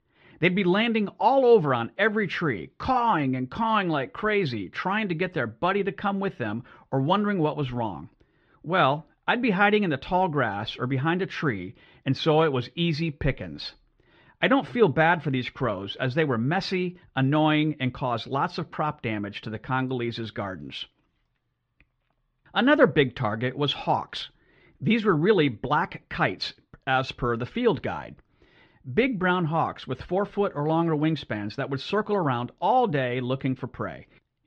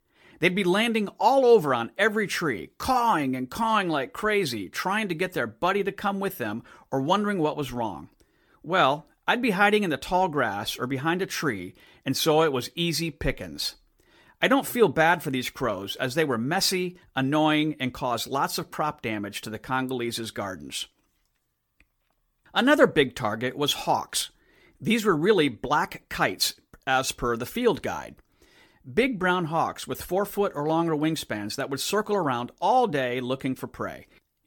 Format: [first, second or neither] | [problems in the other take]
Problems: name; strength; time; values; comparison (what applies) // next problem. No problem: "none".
second | muffled; slightly; fading above 3.5 kHz